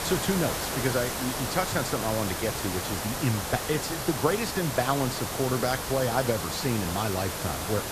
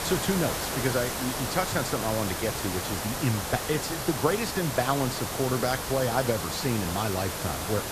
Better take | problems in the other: neither | hiss; loud; throughout; 2 dB below the speech; the same in both

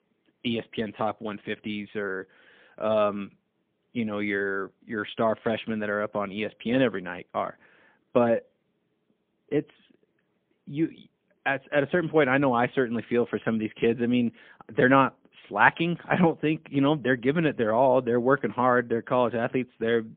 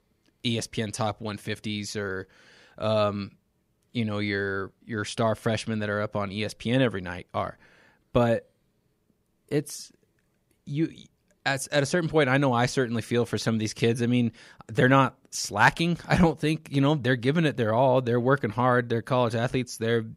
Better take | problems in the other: second | phone-call audio; poor line

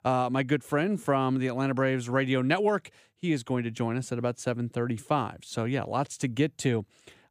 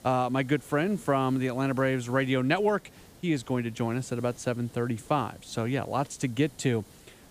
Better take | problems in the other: first | hiss; faint; throughout; 25 dB below the speech

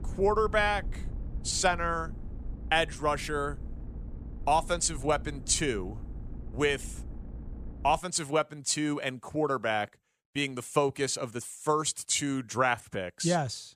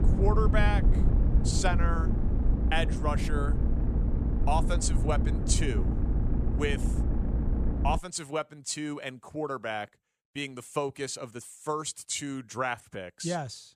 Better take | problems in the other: first | low rumble; loud; until 8 s; 7 dB below the speech; faint in the first

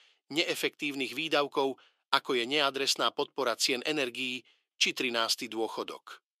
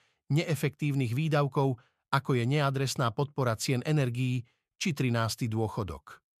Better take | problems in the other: second | thin; somewhat; fading below 300 Hz

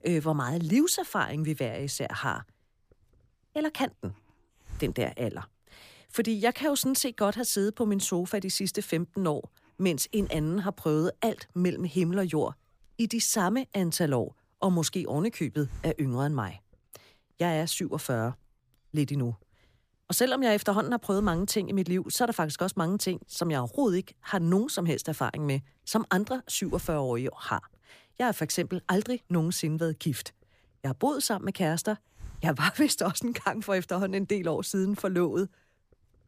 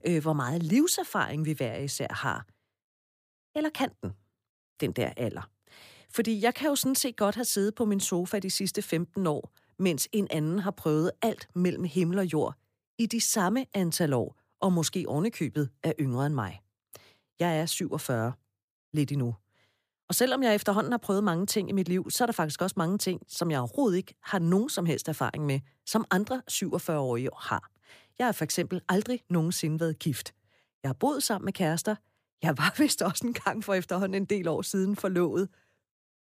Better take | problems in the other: second | hiss; noticeable; throughout; 20 dB below the speech

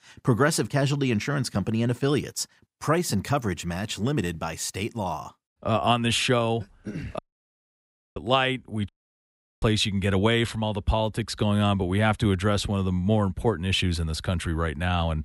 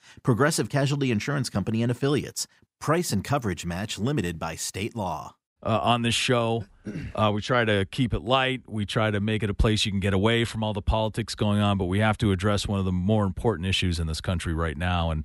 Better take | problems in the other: second | audio cutting out; at 7 s for 1 s and at 9 s for 0.5 s

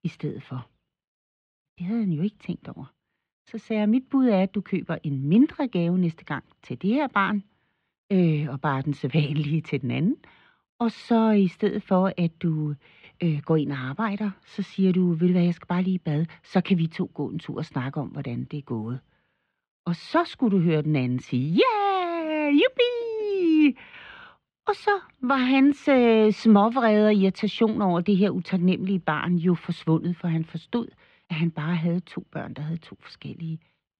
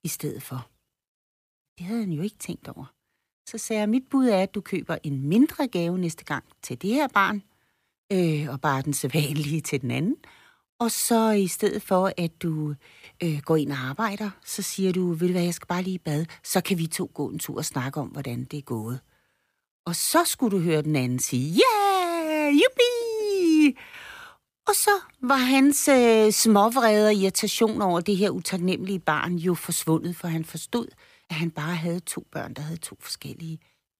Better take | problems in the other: second | muffled; slightly; fading above 3.5 kHz

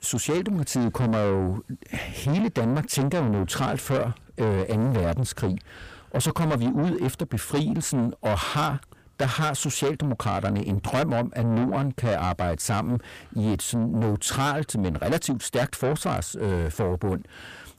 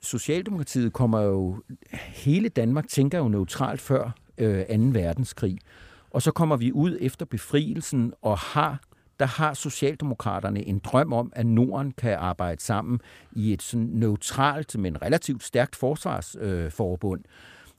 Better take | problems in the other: second | distortion; heavy; 7 dB below the speech

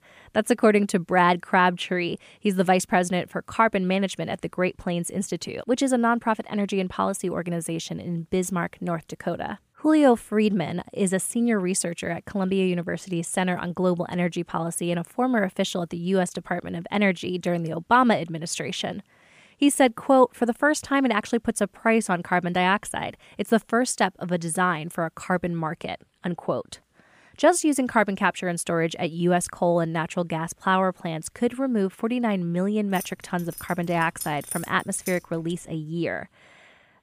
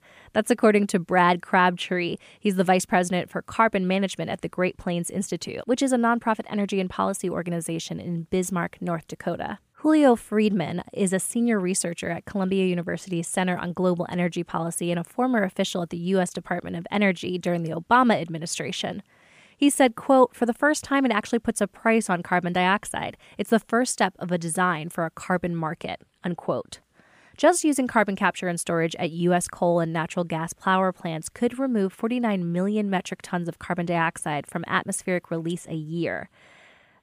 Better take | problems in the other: second | jangling keys; noticeable; from 33 to 35 s; peak 10 dB below the speech

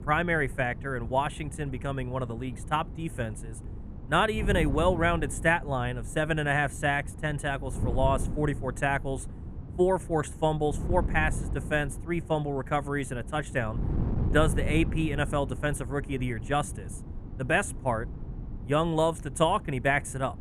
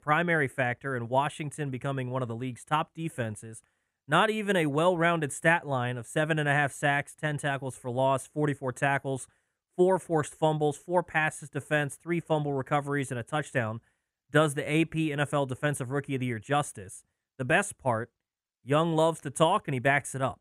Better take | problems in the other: second | wind noise on the microphone; occasional gusts; 20 dB below the speech

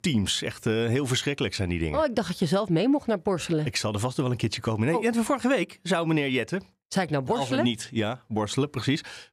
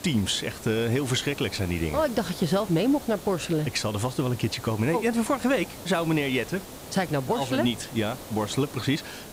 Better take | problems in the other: first | hiss; noticeable; throughout; 15 dB below the speech

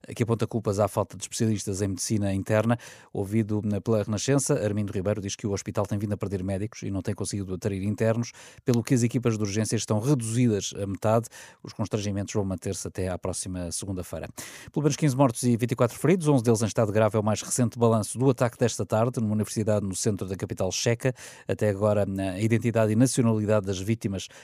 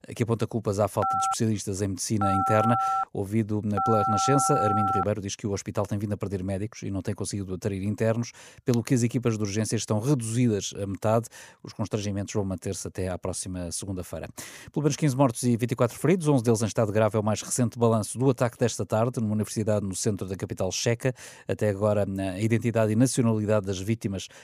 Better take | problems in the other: first | phone ringing; loud; from 1 to 5 s; peak 2 dB above the speech

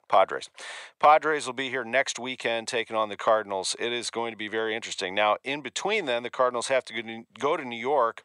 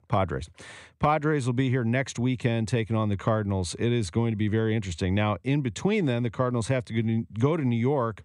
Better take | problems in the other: second | thin; very; fading below 700 Hz

